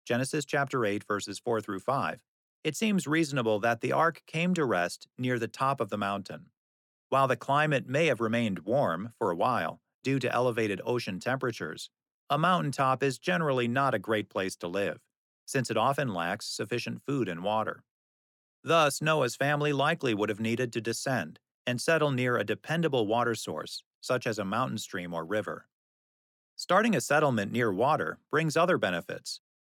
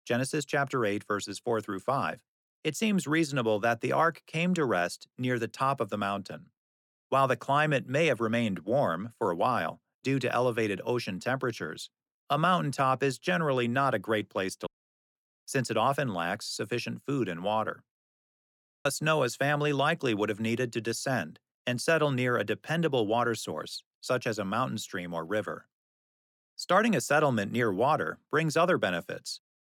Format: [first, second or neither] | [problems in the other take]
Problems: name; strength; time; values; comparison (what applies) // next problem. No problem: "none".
first | audio cutting out; at 15 s and at 19 s